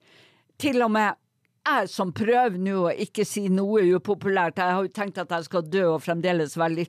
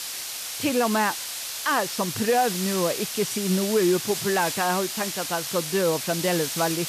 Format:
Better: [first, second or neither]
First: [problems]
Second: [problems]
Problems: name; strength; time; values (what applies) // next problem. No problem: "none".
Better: first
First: none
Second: hiss; loud; throughout; 4 dB below the speech